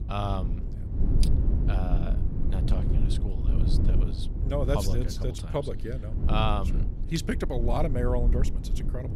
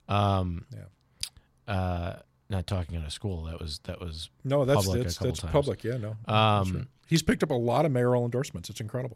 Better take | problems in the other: second | low rumble; loud; throughout; 8 dB below the speech

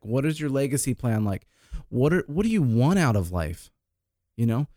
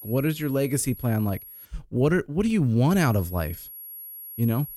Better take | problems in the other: first | high-pitched whine; noticeable; until 1.5 s and from 3 s on; 11.5 kHz, 15 dB below the speech

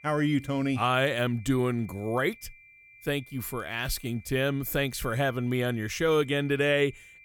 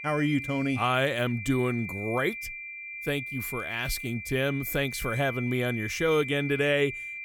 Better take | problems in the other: first | high-pitched whine; loud; throughout; 2.5 kHz, 7 dB below the speech; faint in the first

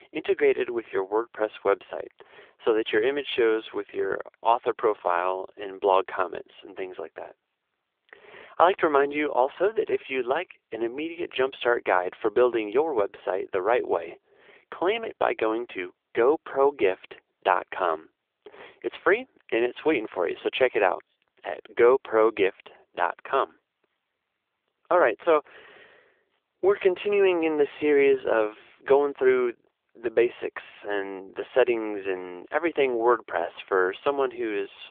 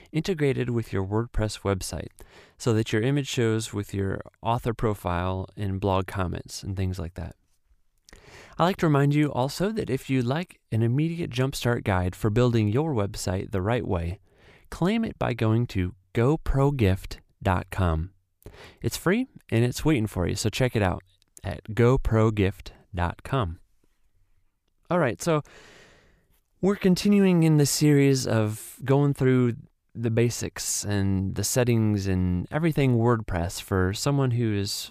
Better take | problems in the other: second | phone-call audio; nothing above 3.5 kHz

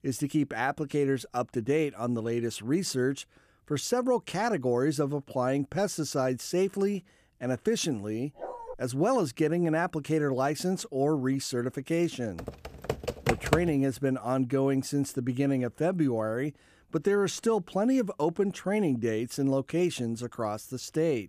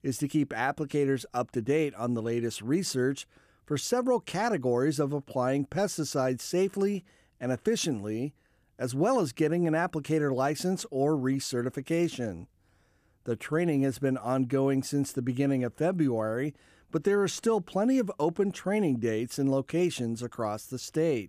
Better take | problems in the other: second | dog barking; faint; at 8.5 s; peak 10 dB below the speech // keyboard typing; loud; from 12 to 14 s; peak 1 dB above the speech

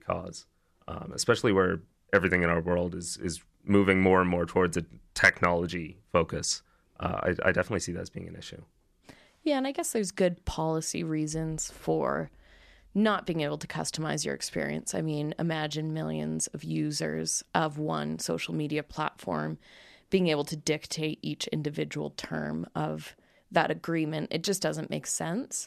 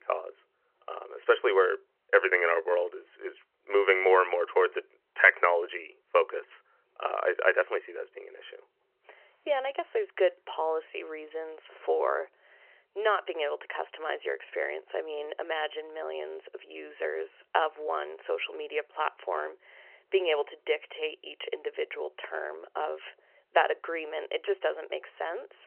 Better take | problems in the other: first | phone-call audio

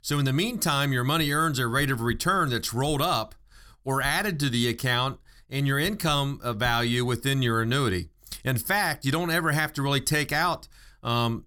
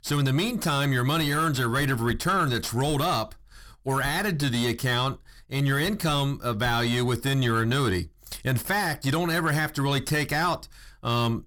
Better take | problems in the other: first | distortion; slight; 10 dB below the speech

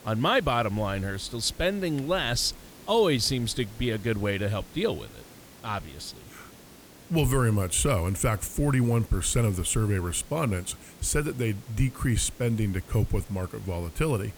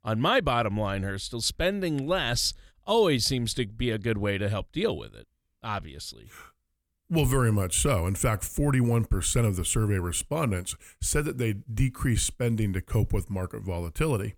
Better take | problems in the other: second | hiss; faint; throughout; 20 dB below the speech

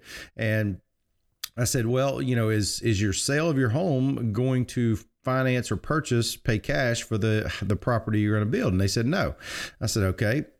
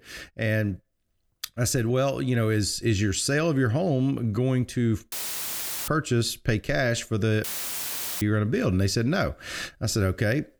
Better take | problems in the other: first | audio cutting out; filled with static; at 5 s for 1 s and at 7.5 s for 1 s

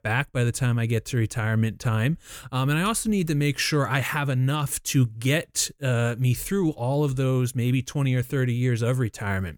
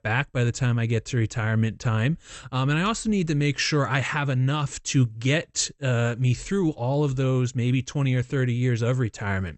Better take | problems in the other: first | garbled, watery; slightly; nothing above 8 kHz

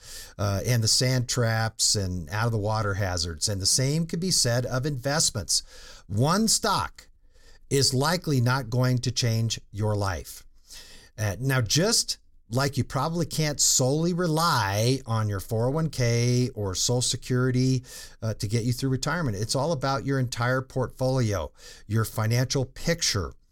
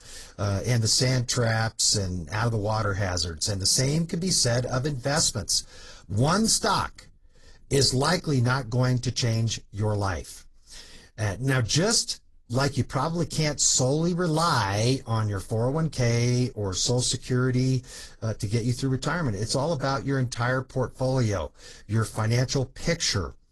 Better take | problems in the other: first | garbled, watery; slightly; nothing above 11.5 kHz

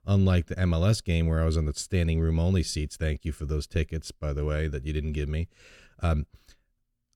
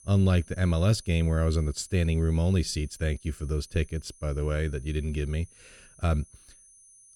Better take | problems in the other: first | high-pitched whine; faint; throughout; 10 kHz, 25 dB below the speech

